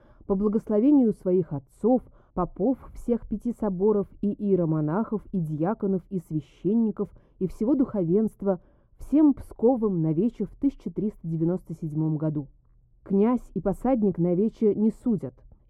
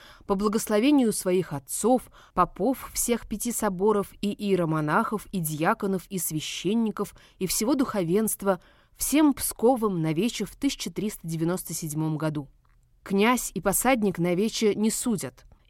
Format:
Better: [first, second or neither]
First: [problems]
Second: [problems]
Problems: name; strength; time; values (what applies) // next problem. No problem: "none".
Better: second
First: muffled; very; fading above 1.5 kHz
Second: none